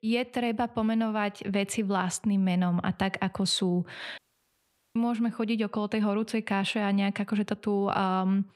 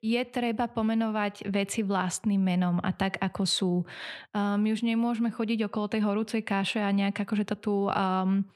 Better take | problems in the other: second | audio cutting out; at 4 s for 1 s

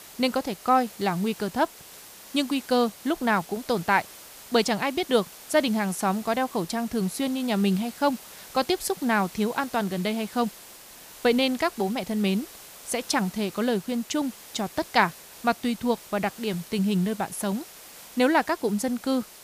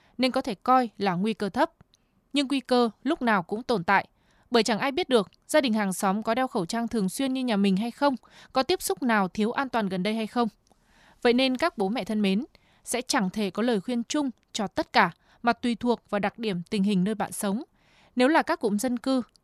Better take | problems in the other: second | hiss; noticeable; throughout; 15 dB below the speech

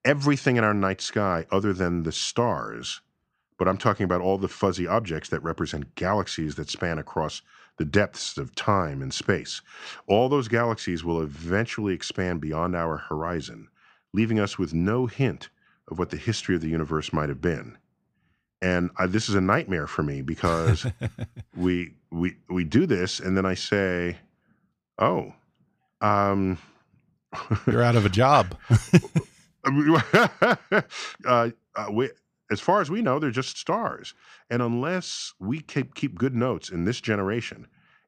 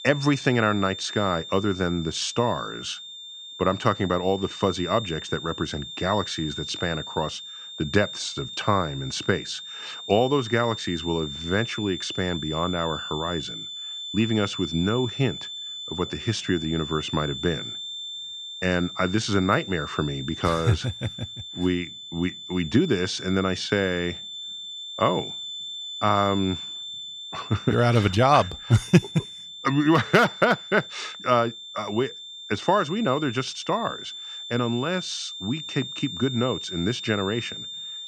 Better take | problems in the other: first | high-pitched whine; loud; throughout; 3.5 kHz, 9 dB below the speech

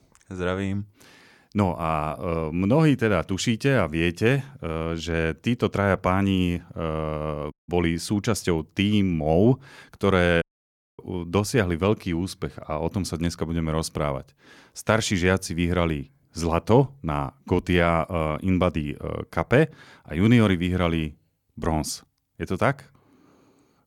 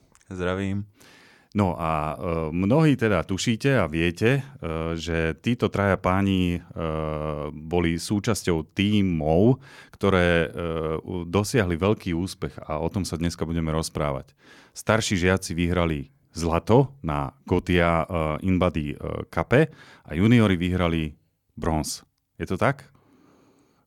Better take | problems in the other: second | audio cutting out; at 7.5 s and at 10 s for 0.5 s

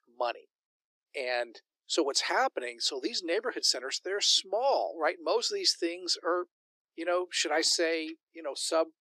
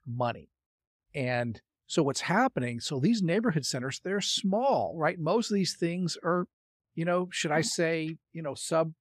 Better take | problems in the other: second | thin; very; fading below 350 Hz

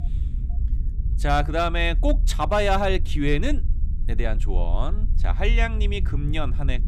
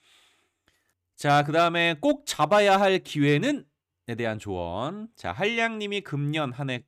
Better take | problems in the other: second | low rumble; faint; throughout; 20 dB below the speech

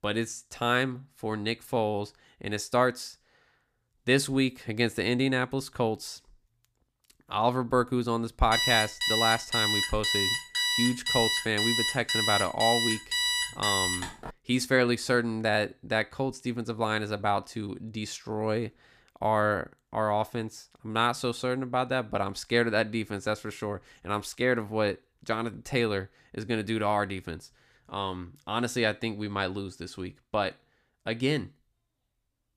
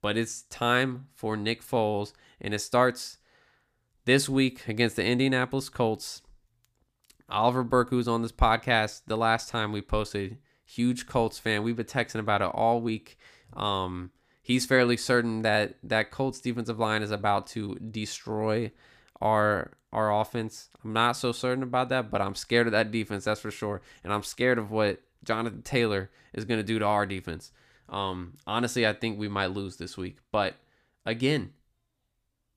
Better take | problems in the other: second | alarm; loud; from 8.5 to 14 s; peak 4 dB above the speech

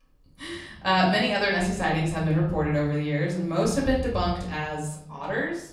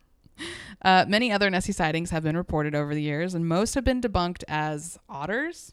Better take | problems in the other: second | off-mic speech; far // room echo; noticeable; dies away in 0.7 s

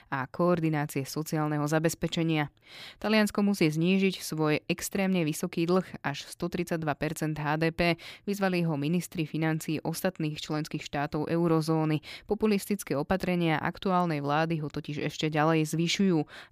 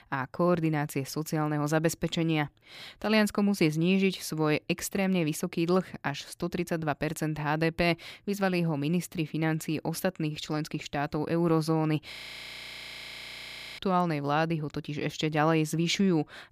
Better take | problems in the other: first | audio freezing; at 12 s for 1.5 s

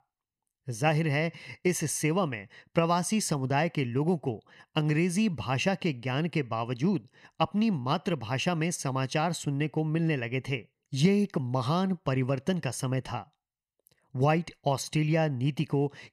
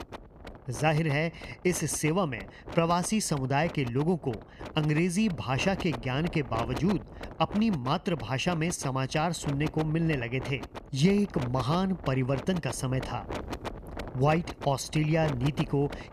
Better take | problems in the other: first | wind noise on the microphone; occasional gusts; 10 dB below the speech

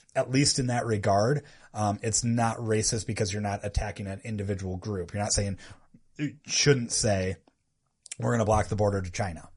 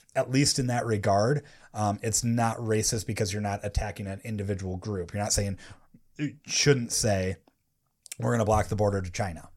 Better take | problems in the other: second | garbled, watery; slightly; nothing above 10.5 kHz

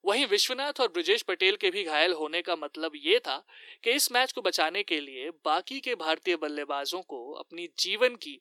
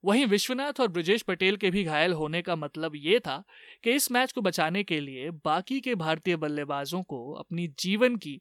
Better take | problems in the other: second | thin; somewhat; fading below 300 Hz

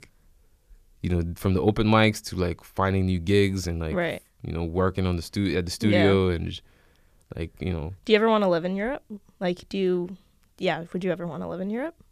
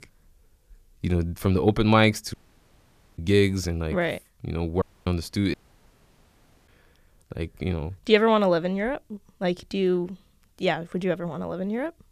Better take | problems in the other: first | audio cutting out; at 2.5 s for 1 s, at 5 s and at 5.5 s for 1 s

